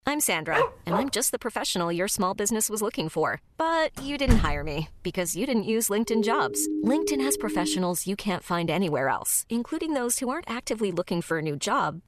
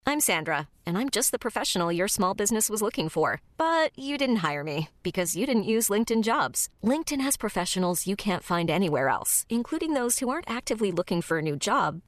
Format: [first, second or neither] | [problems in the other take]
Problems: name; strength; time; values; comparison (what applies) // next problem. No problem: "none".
second | dog barking; loud; at 0.5 s; peak level with the speech // door banging; noticeable; at 4.5 s; peak 1 dB below the speech // siren; noticeable; from 6 to 8 s; peak 2 dB below the speech